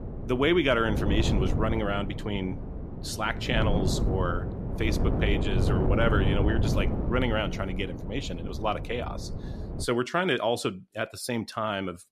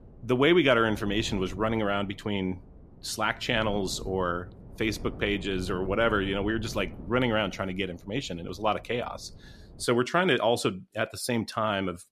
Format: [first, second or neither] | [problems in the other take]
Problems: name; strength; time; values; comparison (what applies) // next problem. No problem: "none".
second | wind noise on the microphone; heavy; until 10 s; 8 dB below the speech; occasional gusts in the second